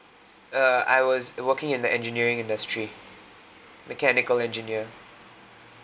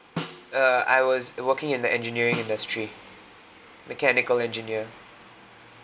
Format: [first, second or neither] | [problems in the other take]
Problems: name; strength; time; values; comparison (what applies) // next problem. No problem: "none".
first | background sound (Snare drum); 14 dB below the speech